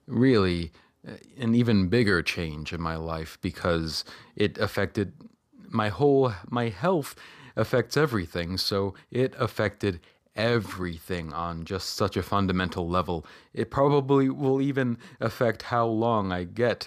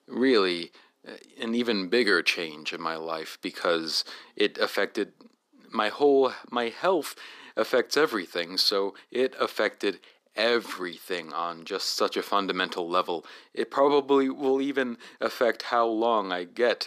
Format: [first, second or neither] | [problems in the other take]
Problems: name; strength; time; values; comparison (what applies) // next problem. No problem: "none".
first | thin; somewhat; fading below 300 Hz